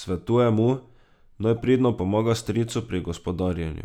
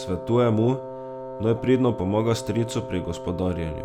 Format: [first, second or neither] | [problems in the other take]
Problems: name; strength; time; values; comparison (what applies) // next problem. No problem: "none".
first | background sound (Wind instrument, woodwind instrument); 11 dB below the speech